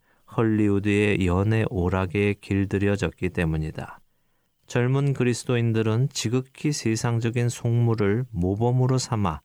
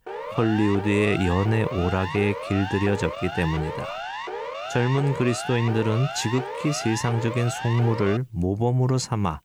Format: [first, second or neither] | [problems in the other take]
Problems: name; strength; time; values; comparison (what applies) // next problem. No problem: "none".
first | siren; noticeable; until 8 s; peak 7 dB below the speech